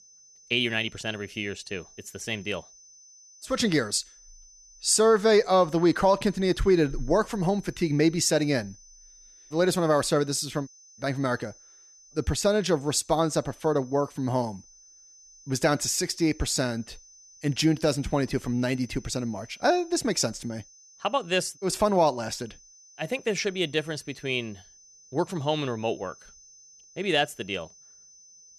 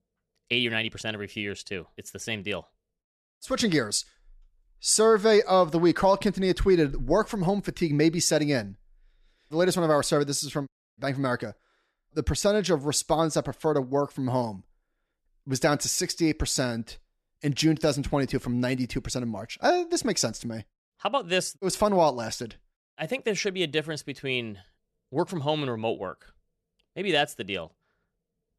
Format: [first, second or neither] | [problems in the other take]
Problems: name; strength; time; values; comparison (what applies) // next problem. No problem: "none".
second | high-pitched whine; faint; throughout; 6 kHz, 25 dB below the speech